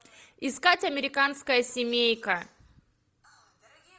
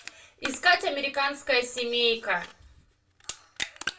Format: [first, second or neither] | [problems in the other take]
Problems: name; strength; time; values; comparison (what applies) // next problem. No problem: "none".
first | background sound (Crushing); 13 dB below the speech // room echo; dies away in 0.2 s